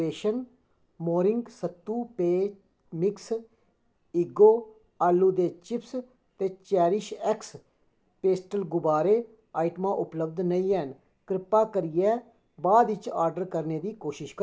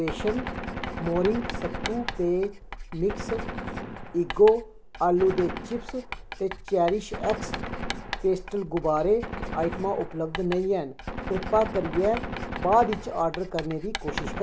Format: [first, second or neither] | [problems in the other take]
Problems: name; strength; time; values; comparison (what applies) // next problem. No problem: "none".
first | background sound (Gunshot, gunfire + Writing); 7 dB below the speech